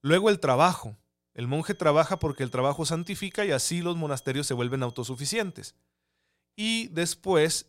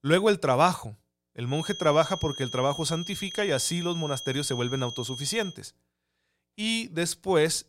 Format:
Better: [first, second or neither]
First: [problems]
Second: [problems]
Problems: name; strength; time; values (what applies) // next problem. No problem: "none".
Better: first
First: high-pitched whine; faint; from 1.5 to 5.5 s; 3.5 kHz, 30 dB below the speech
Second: high-pitched whine; loud; from 1.5 to 5.5 s; 3.5 kHz, 9 dB below the speech